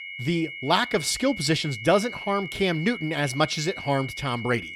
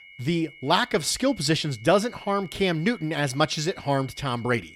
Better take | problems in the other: second | high-pitched whine; loud; throughout; 2 kHz, 10 dB below the speech; faint in the second

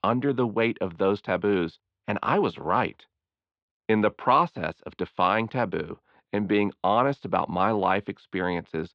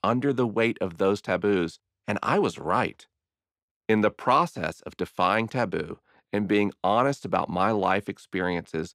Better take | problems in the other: second | muffled; slightly; fading above 3.5 kHz

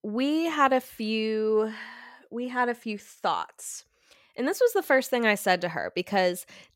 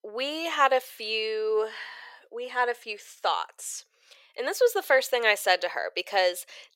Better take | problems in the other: first | thin; very; fading below 450 Hz

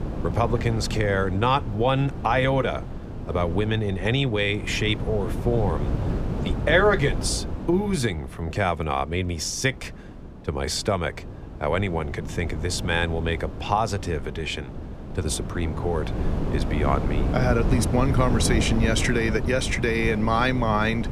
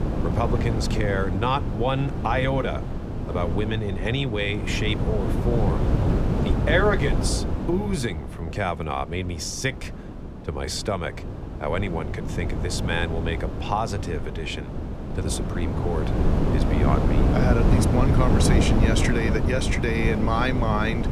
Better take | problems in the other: first | wind noise on the microphone; heavy; 4 dB below the speech; occasional gusts in the first

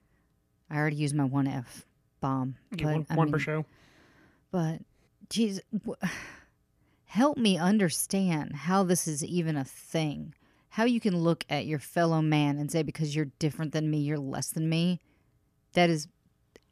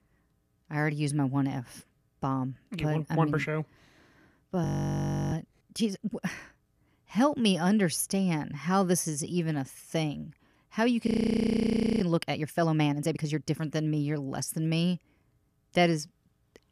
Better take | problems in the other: first | audio freezing; at 4.5 s for 0.5 s and at 11 s for 1 s

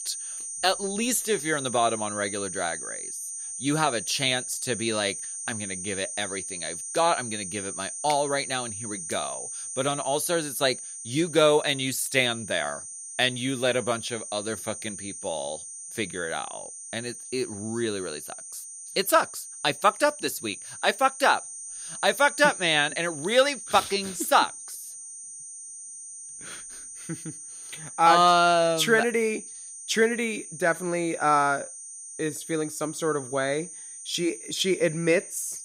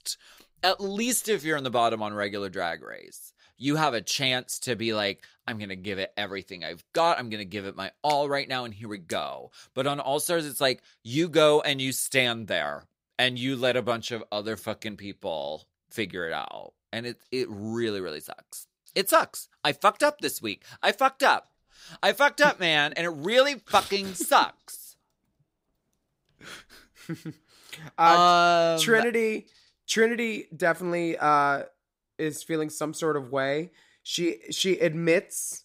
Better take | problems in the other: second | high-pitched whine; loud; throughout; 9 kHz, 10 dB below the speech

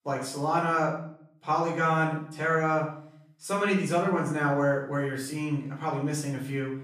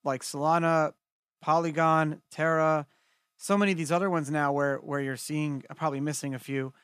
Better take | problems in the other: second | off-mic speech; far // room echo; noticeable; dies away in 0.5 s

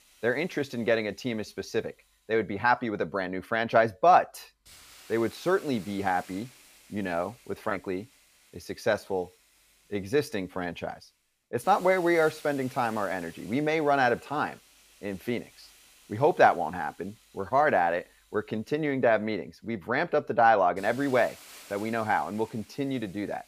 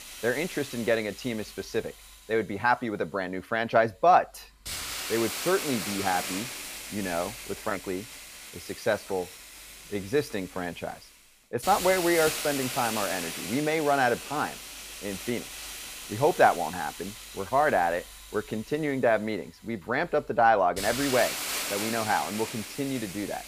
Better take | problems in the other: first | hiss; loud; throughout; 7 dB below the speech; faint in the first

